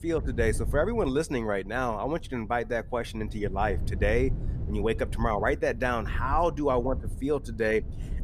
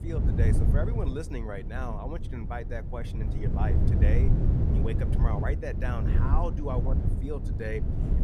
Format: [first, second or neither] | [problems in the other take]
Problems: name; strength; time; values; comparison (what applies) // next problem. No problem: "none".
first | low rumble; loud; throughout; 3 dB below the speech; faint in the first